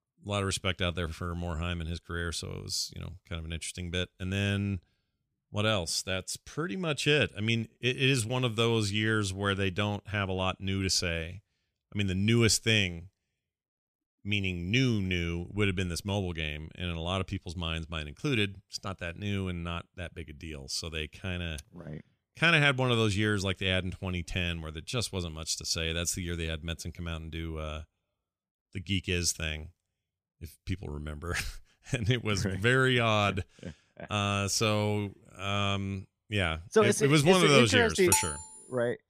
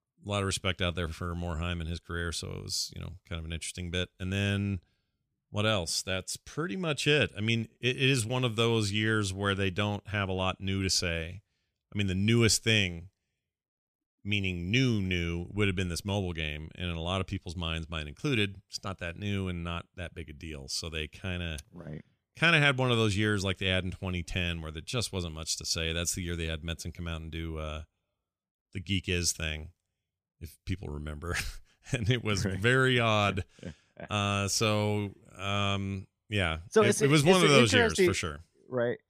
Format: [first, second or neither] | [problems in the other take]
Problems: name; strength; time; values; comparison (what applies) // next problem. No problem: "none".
second | clattering dishes; loud; at 38 s; peak 3 dB above the speech